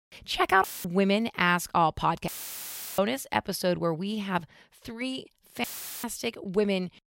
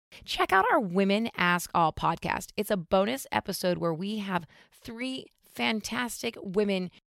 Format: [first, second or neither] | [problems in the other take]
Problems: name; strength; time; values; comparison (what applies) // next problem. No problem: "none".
second | audio cutting out; filled with static; at 0.5 s, at 2.5 s for 0.5 s and at 5.5 s